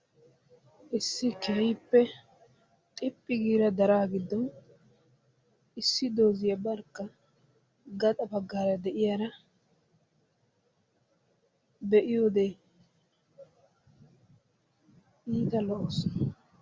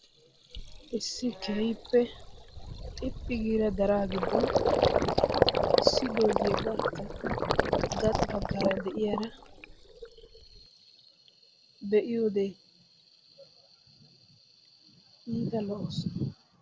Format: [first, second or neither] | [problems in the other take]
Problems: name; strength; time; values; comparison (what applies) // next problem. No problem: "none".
first | background sound (Gurgling); 1 dB above the speech